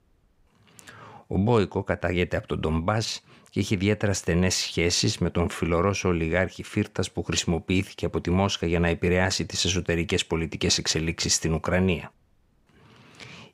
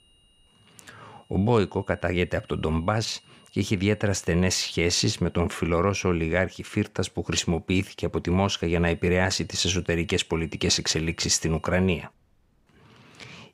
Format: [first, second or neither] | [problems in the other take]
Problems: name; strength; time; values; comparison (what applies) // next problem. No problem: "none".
first | high-pitched whine; faint; until 5.5 s and from 8.5 to 12 s; 3 kHz, 35 dB below the speech